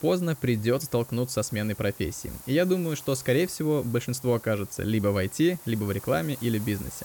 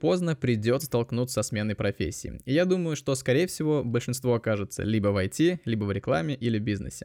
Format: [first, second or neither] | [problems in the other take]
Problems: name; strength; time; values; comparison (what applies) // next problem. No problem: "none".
second | hiss; noticeable; throughout; 15 dB below the speech